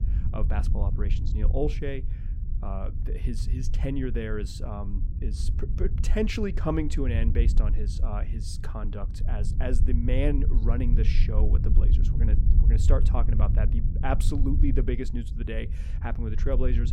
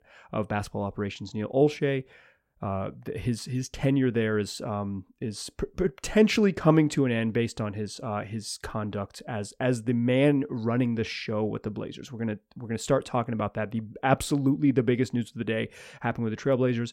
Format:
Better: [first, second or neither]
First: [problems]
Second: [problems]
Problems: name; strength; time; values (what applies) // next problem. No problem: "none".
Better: second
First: low rumble; loud; throughout; 9 dB below the speech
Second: none